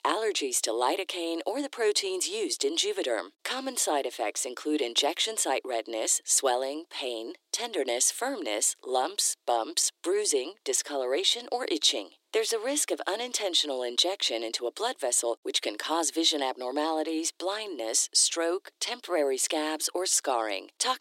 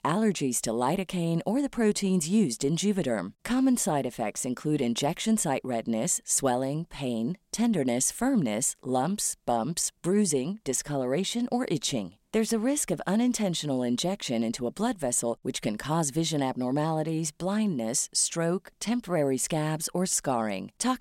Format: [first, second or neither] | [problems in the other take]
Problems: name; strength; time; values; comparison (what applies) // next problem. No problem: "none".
second | thin; very; fading below 300 Hz